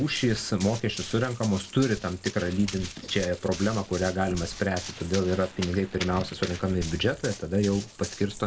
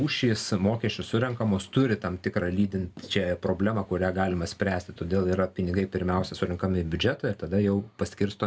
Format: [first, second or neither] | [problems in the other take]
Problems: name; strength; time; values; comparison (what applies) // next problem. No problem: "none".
second | background sound (Run); 13 dB below the speech